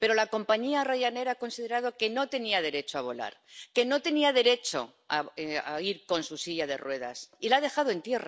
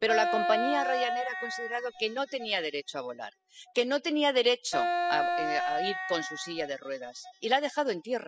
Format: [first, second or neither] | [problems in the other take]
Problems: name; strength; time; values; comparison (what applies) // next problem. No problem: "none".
first | noise reduction (classical method spectral subtraction)